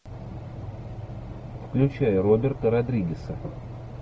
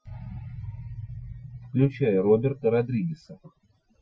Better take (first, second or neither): first